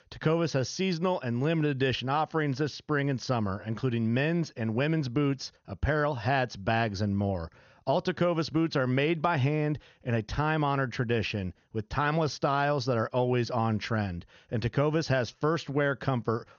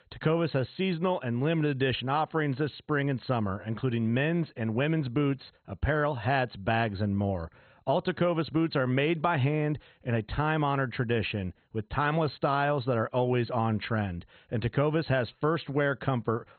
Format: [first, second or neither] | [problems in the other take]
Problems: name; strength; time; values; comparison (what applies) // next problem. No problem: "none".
first | garbled, watery; badly; nothing above 4 kHz; slightly in the first